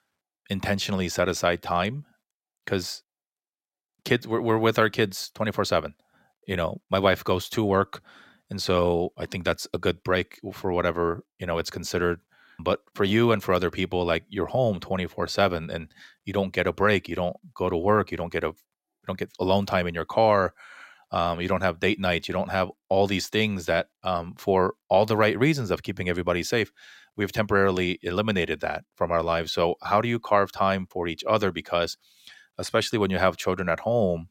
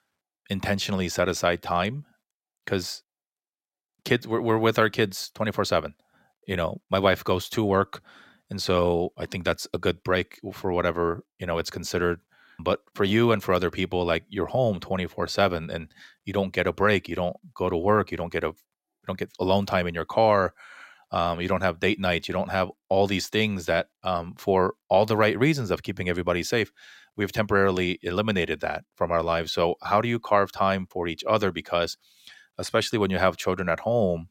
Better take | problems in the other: neither | none

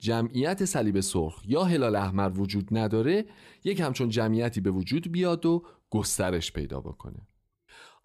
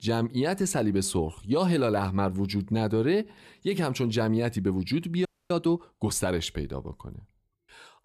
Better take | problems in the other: first | audio freezing; at 5.5 s

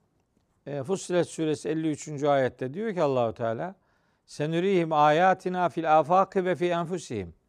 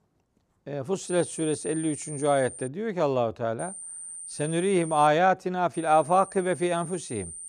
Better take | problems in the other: first | high-pitched whine; noticeable; from 1 to 2.5 s, from 3.5 to 5 s and from 5.5 s on; 9 kHz, 10 dB below the speech

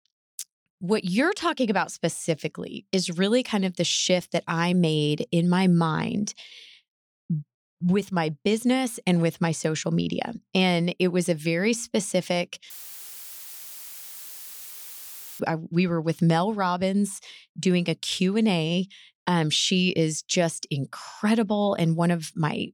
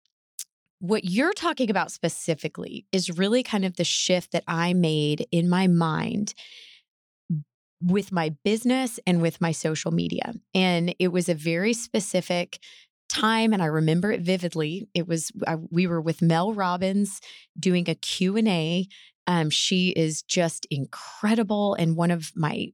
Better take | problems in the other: second | audio cutting out; filled with static; at 13 s for 2.5 s

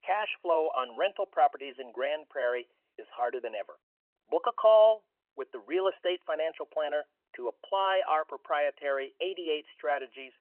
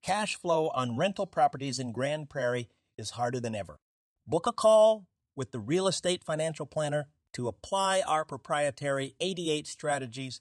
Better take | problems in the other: second | phone-call audio; nothing above 3 kHz

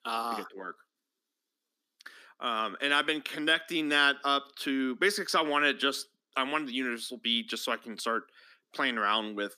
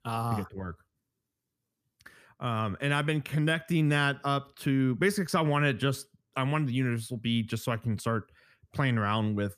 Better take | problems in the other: second | thin; somewhat; fading below 250 Hz

